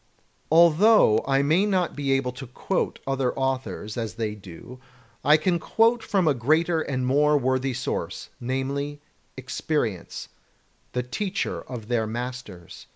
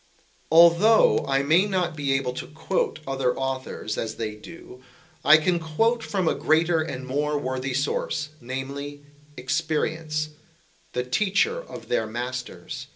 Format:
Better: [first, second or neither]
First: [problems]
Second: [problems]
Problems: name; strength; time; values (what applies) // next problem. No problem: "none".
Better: first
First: none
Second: room echo; dies away in 0.2 s